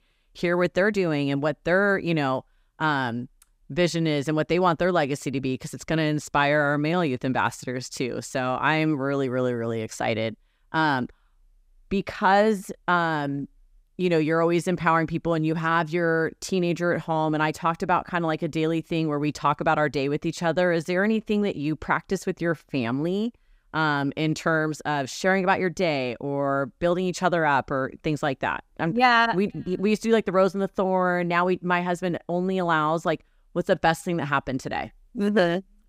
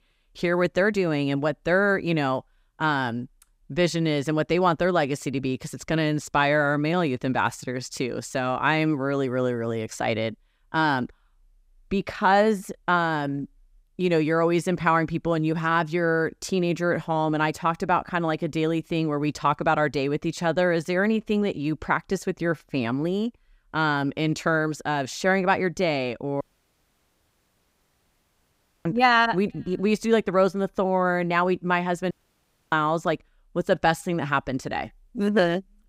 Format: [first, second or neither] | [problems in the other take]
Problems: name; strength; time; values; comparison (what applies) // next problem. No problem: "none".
first | audio cutting out; at 26 s for 2.5 s and at 32 s for 0.5 s